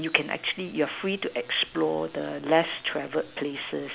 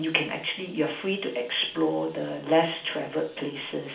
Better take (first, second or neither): first